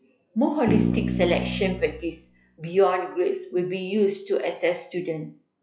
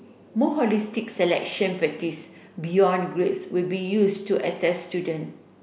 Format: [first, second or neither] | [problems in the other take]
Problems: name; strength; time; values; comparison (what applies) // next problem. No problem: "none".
second | noise reduction (classical method log-MMSE)